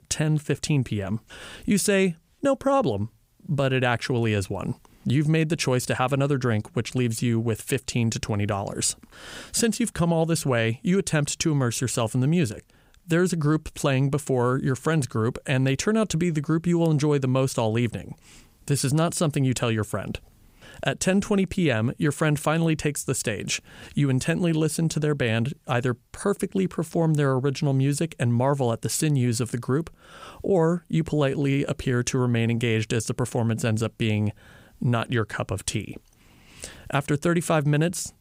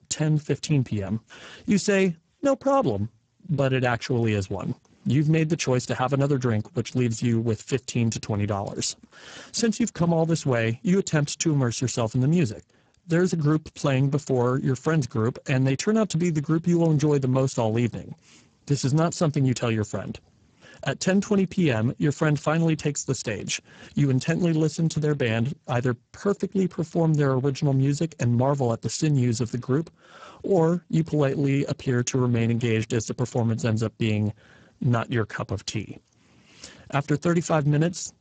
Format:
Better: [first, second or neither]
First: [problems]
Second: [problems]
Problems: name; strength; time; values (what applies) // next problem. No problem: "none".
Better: first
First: none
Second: garbled, watery; badly; nothing above 7.5 kHz